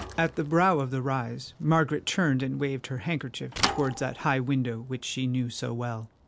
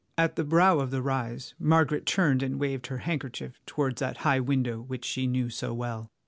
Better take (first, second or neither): second